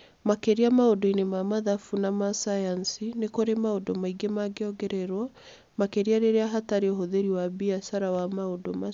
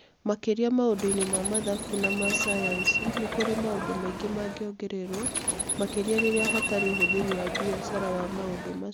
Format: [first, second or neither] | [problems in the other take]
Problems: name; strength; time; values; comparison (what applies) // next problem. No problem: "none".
first | background sound (Subway, metro, underground); 1 dB below the speech